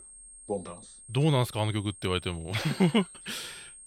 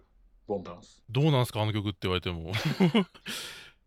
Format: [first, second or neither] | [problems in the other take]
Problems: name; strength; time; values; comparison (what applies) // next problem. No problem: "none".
second | high-pitched whine; noticeable; throughout; 8.5 kHz, 20 dB below the speech